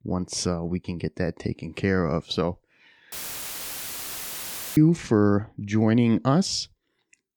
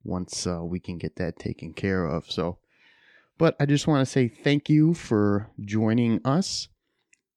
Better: second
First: audio cutting out; filled with static; at 3 s for 1.5 s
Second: none

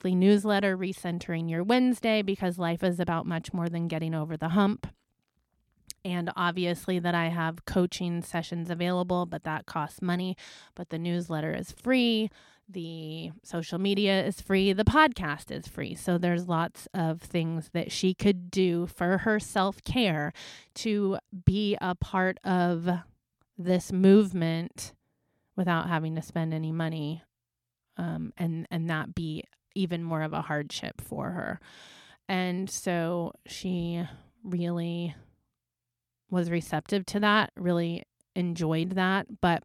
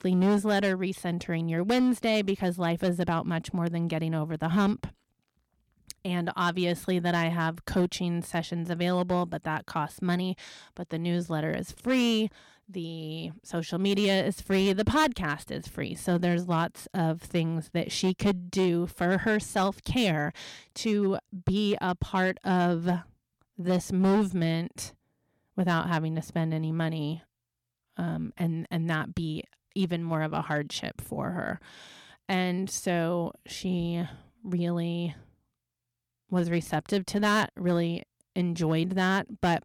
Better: first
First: none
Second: distortion; slight; 4% of the sound clipped

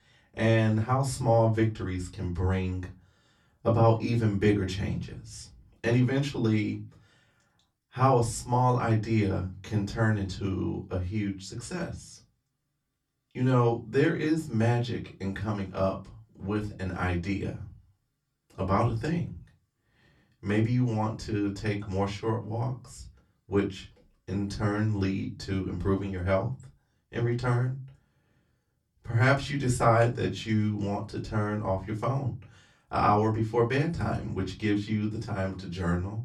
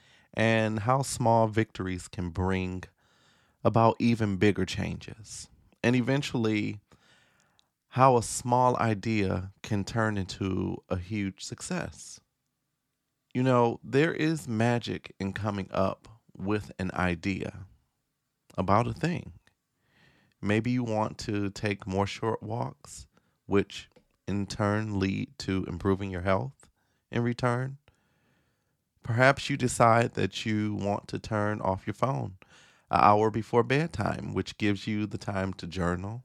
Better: second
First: off-mic speech; far // room echo; very slight; dies away in 0.2 s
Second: none

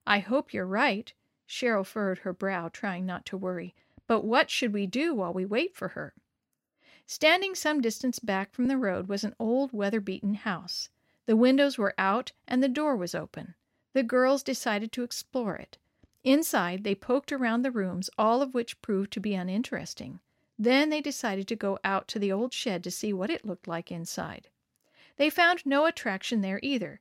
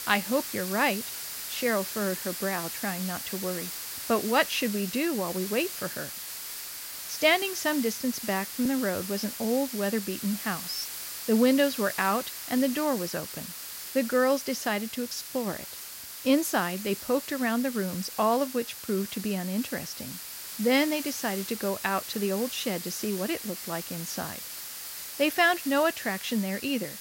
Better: first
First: none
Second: hiss; loud; throughout; 7 dB below the speech

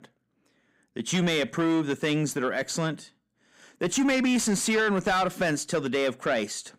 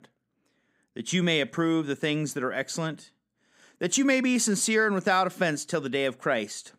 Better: second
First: distortion; slight; 10 dB below the speech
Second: none

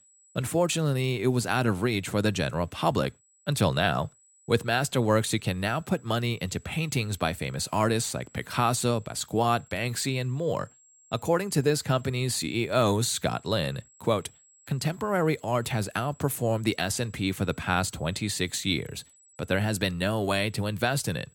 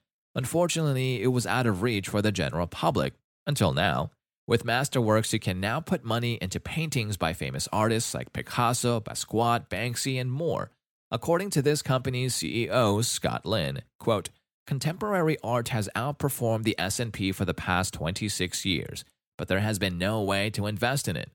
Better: second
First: high-pitched whine; faint; throughout; 8 kHz, 30 dB below the speech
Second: none

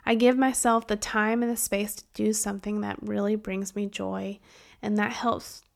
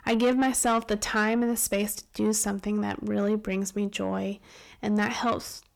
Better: first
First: none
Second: distortion; slight; 10 dB below the speech

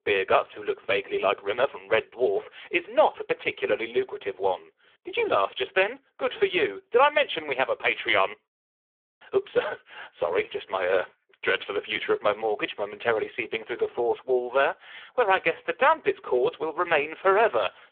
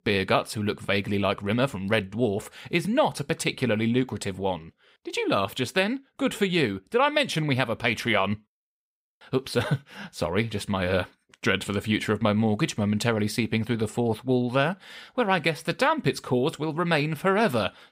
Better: second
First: phone-call audio; poor line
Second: none

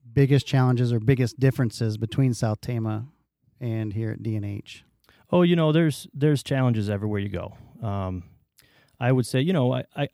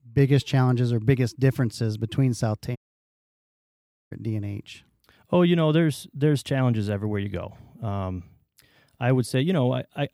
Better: first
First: none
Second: audio cutting out; at 3 s for 1.5 s

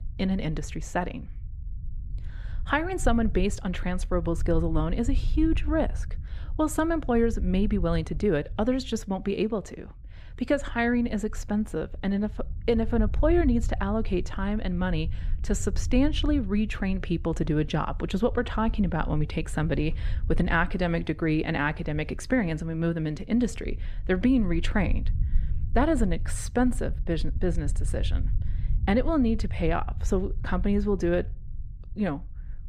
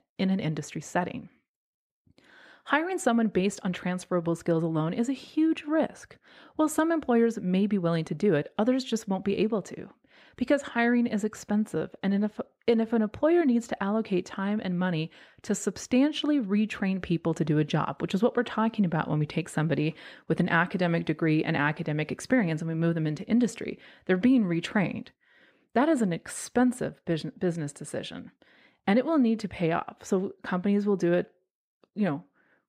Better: second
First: low rumble; faint; throughout; 25 dB below the speech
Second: none

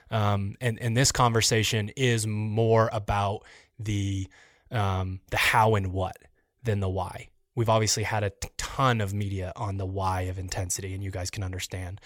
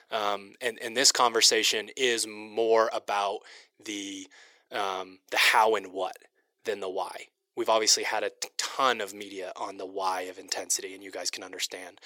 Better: first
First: none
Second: thin; very; fading below 350 Hz

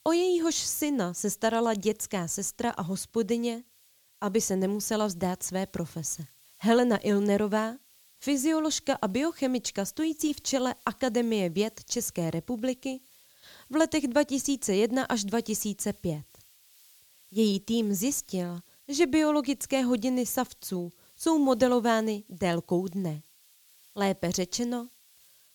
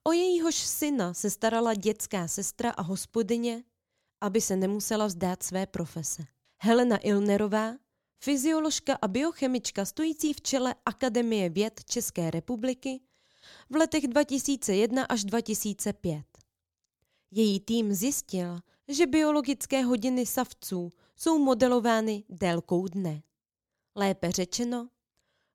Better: second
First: hiss; faint; throughout; 30 dB below the speech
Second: none

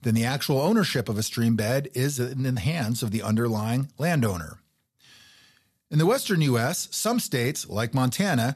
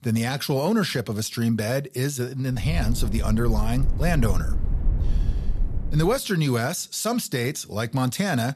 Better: first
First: none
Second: low rumble; noticeable; from 2.5 to 6 s; 15 dB below the speech

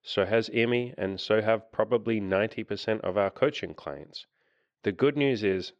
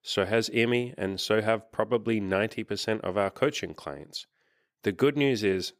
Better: second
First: muffled; very slightly; fading above 4 kHz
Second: none

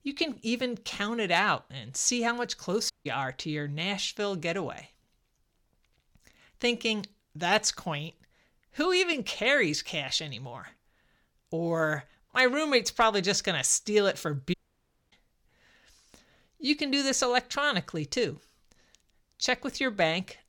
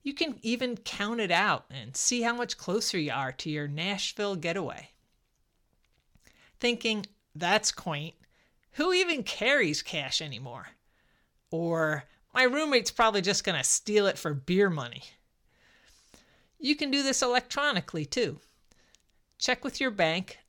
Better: second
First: audio cutting out; at 3 s and at 15 s for 0.5 s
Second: none

